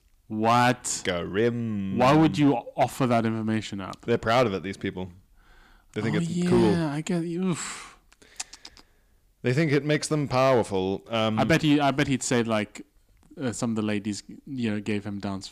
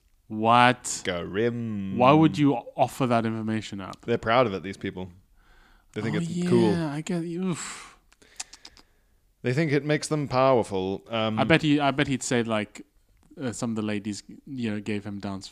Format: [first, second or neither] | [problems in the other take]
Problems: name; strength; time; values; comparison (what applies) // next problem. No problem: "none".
second | distortion; slight; 3% of the sound clipped